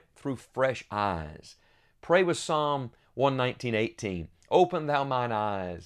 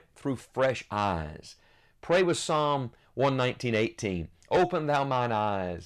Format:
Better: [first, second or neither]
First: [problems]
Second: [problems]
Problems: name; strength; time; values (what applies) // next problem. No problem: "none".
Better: first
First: none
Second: distortion; slight; 10 dB below the speech